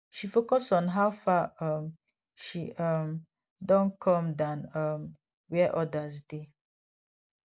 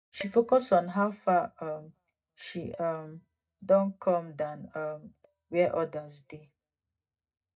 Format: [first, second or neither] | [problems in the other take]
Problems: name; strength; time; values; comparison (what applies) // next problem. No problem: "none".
first | noise reduction (neural mask model DeepFilterNet 3)